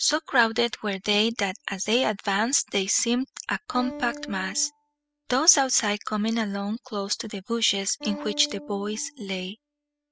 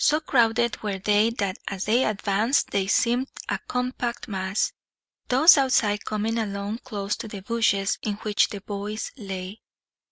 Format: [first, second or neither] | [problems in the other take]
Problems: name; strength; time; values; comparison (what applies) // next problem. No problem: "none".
second | noise reduction (classical method spectral subtraction)